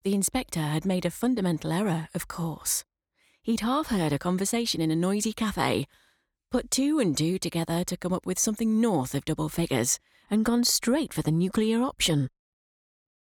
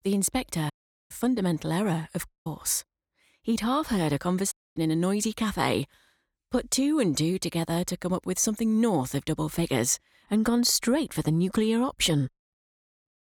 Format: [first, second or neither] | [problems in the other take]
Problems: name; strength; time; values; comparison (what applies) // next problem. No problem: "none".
first | audio cutting out; at 0.5 s, at 2.5 s and at 4.5 s